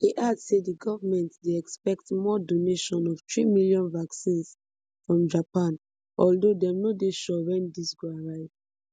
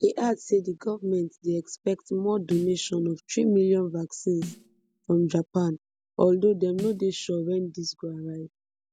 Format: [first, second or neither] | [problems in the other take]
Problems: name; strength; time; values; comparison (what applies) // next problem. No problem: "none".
first | background sound (Snare drum); 17 dB below the speech